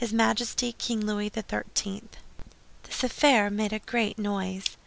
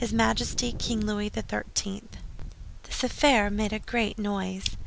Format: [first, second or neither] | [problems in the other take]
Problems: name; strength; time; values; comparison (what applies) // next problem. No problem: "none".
first | background sound (Wind); 8 dB below the speech